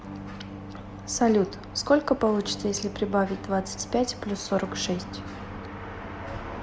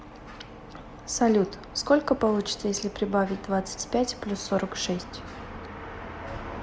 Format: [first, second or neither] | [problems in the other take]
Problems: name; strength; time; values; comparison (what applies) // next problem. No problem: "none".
second | background sound (Electric guitar / Strum); 14 dB below the speech